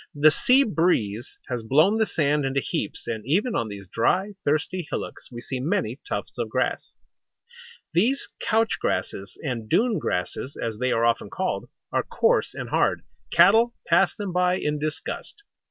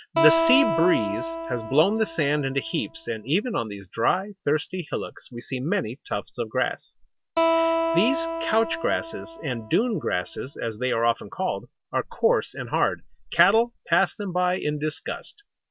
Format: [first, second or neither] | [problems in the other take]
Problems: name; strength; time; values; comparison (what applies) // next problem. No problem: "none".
first | background sound (Acoustic guitar); 2 dB below the speech